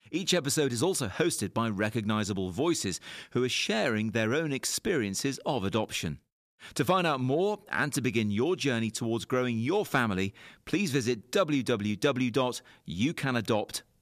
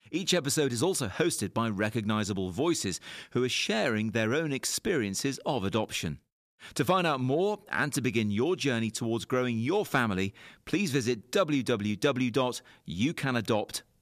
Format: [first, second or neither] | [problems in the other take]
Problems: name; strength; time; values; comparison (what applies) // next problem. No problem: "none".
neither | none